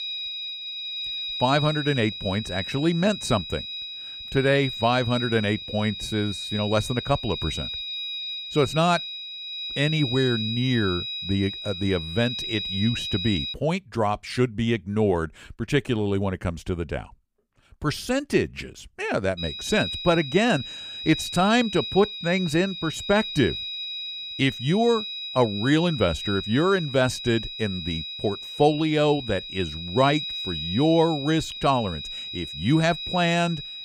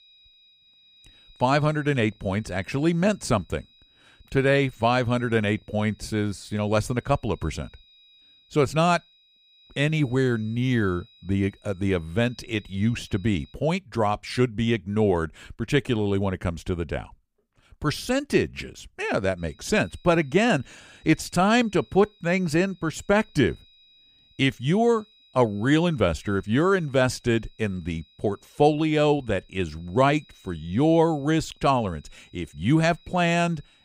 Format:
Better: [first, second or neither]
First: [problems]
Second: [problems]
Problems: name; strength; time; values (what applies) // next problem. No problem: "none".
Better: second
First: high-pitched whine; loud; until 14 s and from 19 s on; 4 kHz, 6 dB below the speech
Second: high-pitched whine; faint; until 14 s and from 19 s on; 4 kHz, 30 dB below the speech